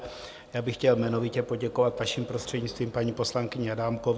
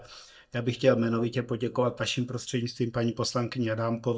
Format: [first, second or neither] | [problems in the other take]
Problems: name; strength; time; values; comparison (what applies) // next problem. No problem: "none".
first | noise reduction (neural mask model DeepFilterNet 3)